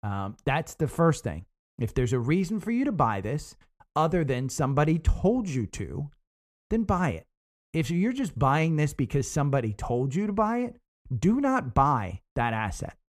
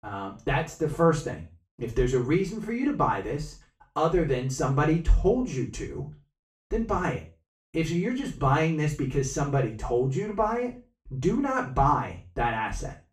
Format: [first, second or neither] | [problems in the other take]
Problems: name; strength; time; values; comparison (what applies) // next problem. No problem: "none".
first | room echo; slight; dies away in 0.3 s // off-mic speech; far